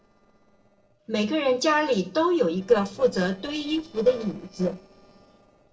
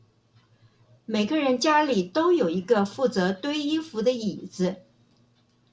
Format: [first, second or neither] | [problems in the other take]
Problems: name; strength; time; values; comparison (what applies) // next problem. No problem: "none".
second | noise reduction (neural separator model SepFormer DNS4)